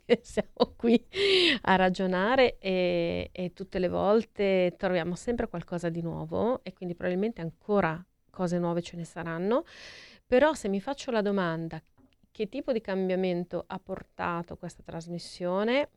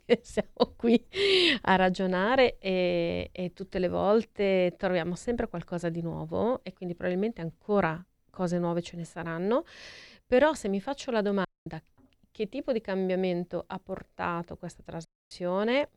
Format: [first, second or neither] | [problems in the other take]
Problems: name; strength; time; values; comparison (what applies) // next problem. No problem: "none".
first | audio cutting out; at 11 s and at 15 s